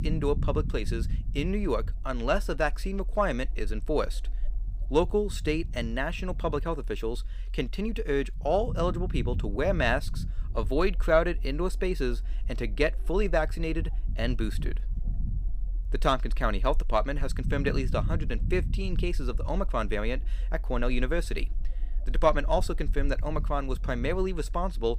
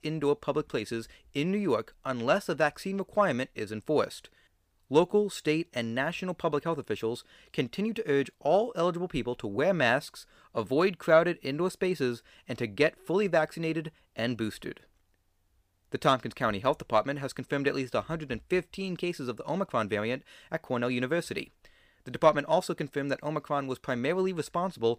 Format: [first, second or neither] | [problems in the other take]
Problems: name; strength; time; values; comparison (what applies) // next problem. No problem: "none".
second | low rumble; faint; throughout; 20 dB below the speech